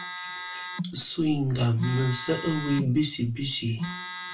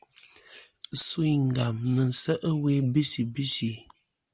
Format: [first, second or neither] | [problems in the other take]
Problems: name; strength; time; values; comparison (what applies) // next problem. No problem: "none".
second | background sound (Telephone); 9 dB below the speech // room echo; dies away in 0.2 s